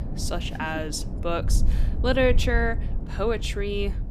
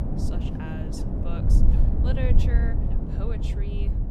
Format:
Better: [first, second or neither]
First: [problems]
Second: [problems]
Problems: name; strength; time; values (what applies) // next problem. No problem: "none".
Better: first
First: wind noise on the microphone; occasional gusts; 15 dB below the speech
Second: wind noise on the microphone; heavy; 2 dB above the speech